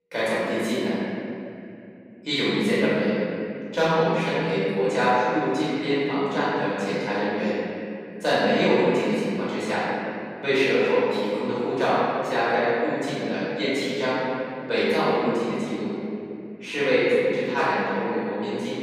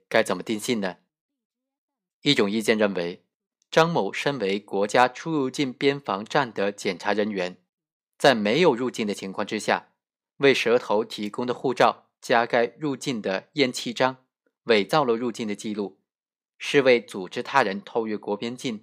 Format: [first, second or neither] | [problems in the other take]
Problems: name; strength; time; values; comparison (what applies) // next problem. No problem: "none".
second | room echo; strong; dies away in 2.8 s // off-mic speech; far